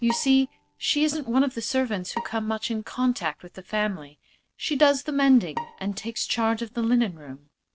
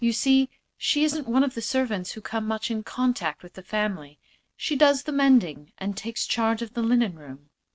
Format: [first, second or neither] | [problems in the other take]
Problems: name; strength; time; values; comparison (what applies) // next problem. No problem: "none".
second | background sound (Bowed string instrument); 16 dB below the speech